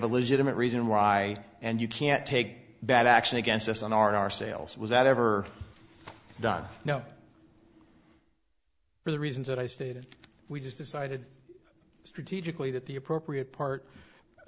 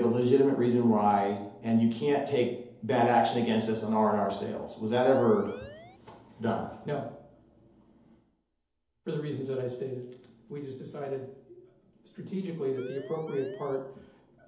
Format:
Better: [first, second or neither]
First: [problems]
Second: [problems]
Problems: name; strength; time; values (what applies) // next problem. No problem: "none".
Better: first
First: none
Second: background sound (Siren); 17 dB below the speech // room echo; dies away in 2.2 s